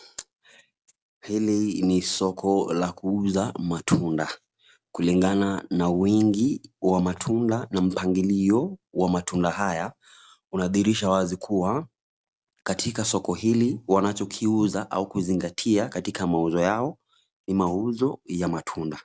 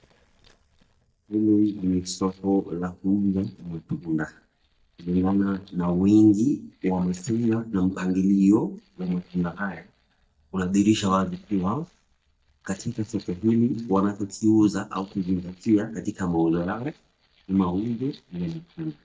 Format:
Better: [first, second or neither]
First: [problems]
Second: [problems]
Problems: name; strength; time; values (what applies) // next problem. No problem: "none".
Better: first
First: none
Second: noise reduction (neural mask model DeepFilterNet 3)